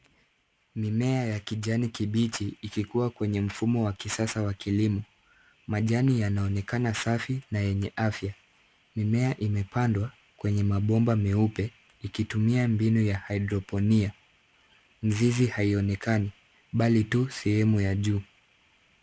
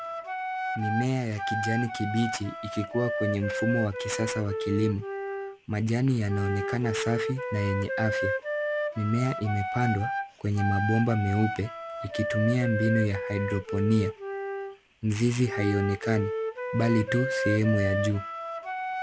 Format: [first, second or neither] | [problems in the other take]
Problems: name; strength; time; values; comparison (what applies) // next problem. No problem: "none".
first | background sound (Wind instrument, woodwind instrument); 4 dB below the speech